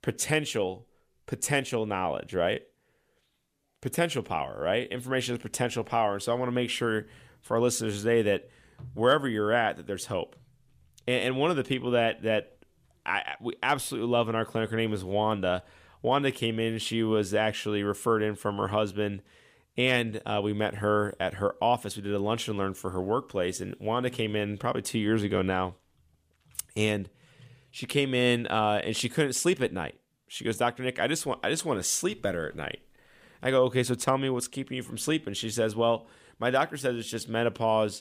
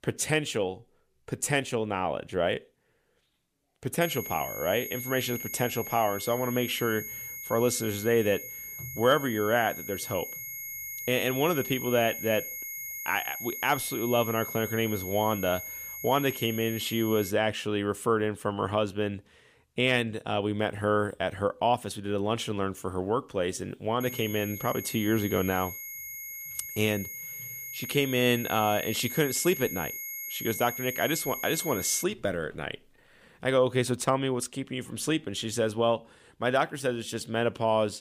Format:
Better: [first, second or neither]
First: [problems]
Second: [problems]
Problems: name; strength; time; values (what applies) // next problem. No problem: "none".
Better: first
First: none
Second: high-pitched whine; loud; from 4 to 17 s and from 24 to 32 s; 2 kHz, 7 dB below the speech